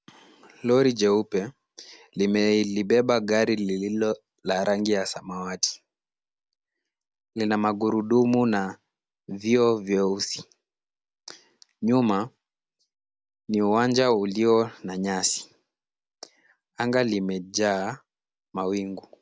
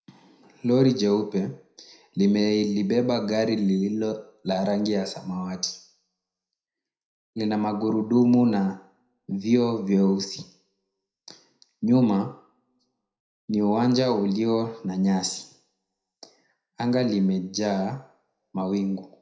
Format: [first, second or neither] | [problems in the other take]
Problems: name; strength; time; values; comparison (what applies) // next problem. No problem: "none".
first | room echo; dies away in 0.4 s